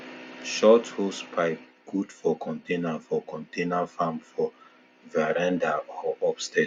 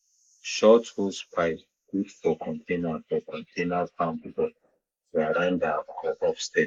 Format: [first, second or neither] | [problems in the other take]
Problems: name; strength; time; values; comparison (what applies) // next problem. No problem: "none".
first | noise reduction (neural mask model Resemble Enhance denoiser)